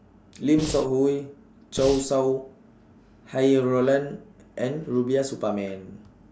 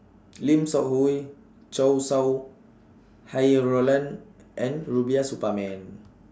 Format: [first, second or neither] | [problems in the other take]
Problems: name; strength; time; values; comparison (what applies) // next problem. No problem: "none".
second | background sound (Breathing); 9 dB below the speech